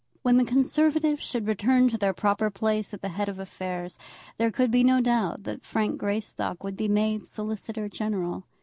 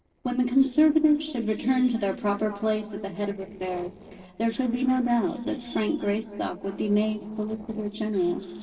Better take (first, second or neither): first